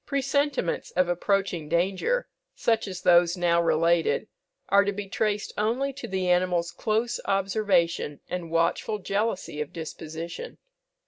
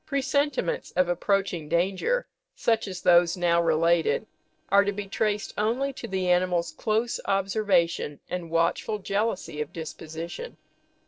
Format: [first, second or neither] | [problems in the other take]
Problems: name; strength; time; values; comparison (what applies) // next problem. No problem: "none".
first | noise reduction (neural separator model SepFormer DNS4)